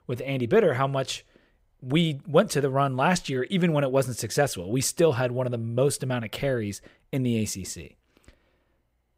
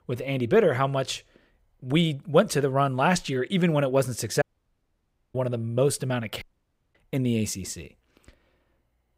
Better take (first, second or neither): first